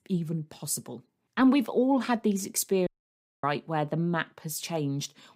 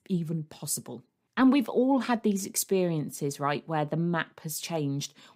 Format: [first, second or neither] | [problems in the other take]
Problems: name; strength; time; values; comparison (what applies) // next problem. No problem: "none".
second | audio cutting out; at 3 s for 0.5 s